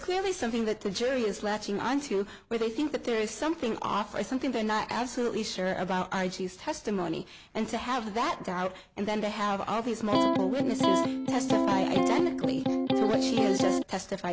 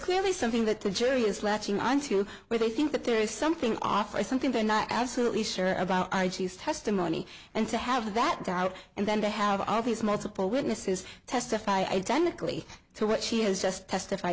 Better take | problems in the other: second | background sound (Electric guitar); 4 dB above the speech

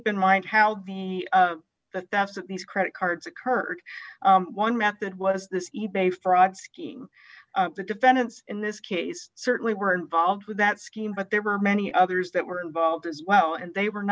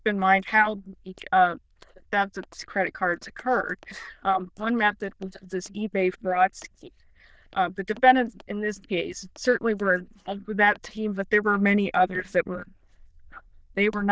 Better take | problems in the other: first | noise reduction (neural diffusion model UNIVERSE++)

